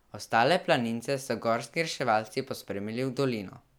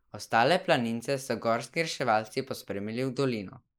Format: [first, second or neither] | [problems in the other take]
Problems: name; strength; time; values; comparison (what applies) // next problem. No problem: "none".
first | noise reduction (neural mask model Resemble Enhance denoiser)